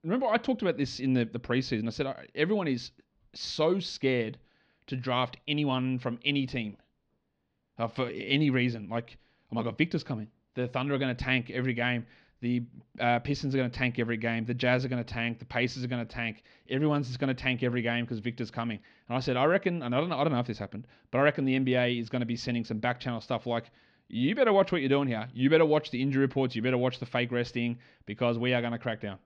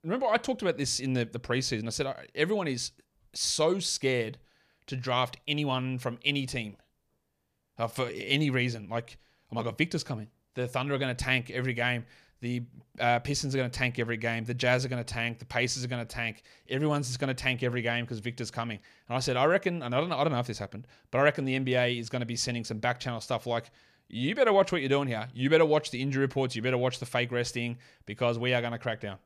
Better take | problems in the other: second | muffled; very slightly; fading above 4.5 kHz

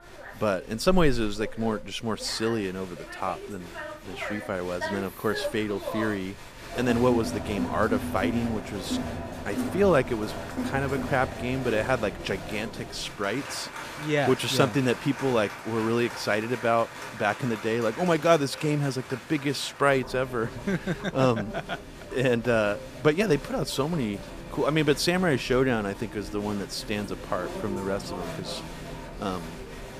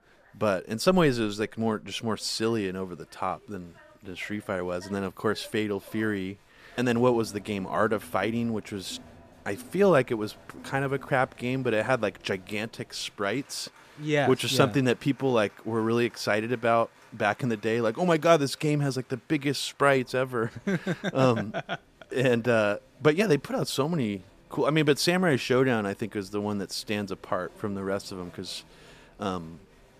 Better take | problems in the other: second | crowd noise; loud; throughout; 10 dB below the speech; faint in the second

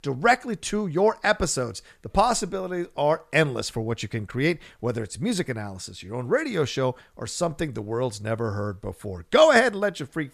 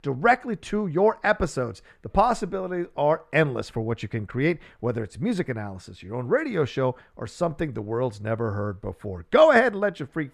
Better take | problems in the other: first | muffled; slightly; fading above 3.5 kHz

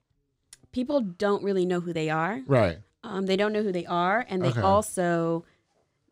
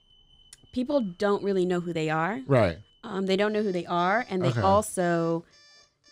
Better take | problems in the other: first | alarms or sirens; faint; throughout; 30 dB below the speech

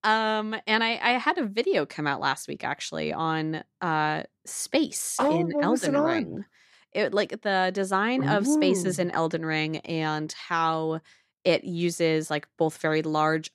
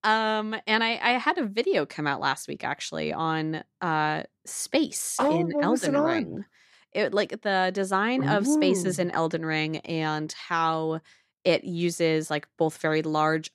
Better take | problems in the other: neither | none

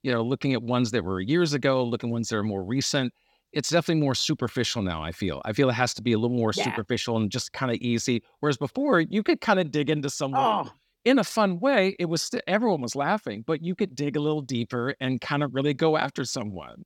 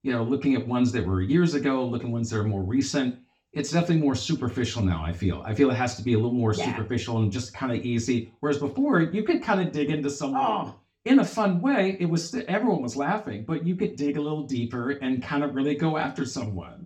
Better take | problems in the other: first | room echo; very slight; dies away in 0.3 s // off-mic speech; far

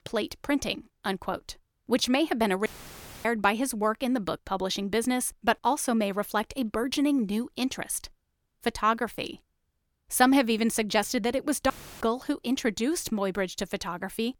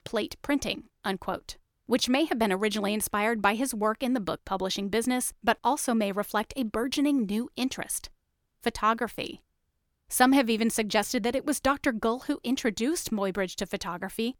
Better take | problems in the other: second | audio cutting out; filled with static; at 2.5 s for 0.5 s and at 12 s

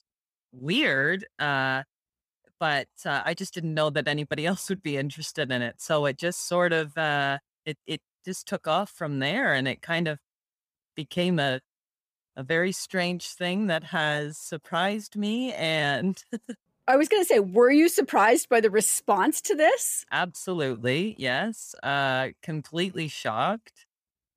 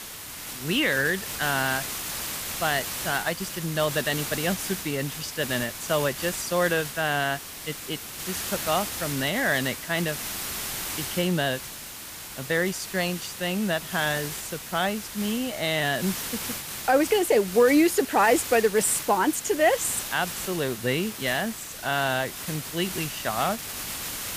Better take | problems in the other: first | hiss; loud; throughout; 7 dB below the speech

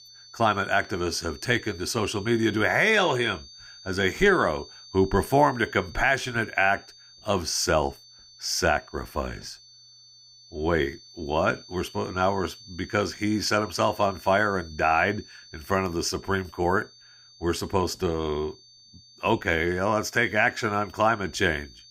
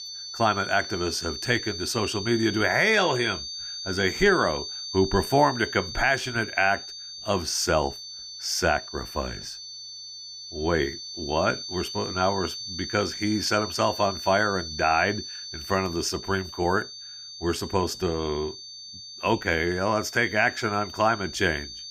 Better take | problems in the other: first | high-pitched whine; loud; throughout; 4.5 kHz, 9 dB below the speech; faint in the first

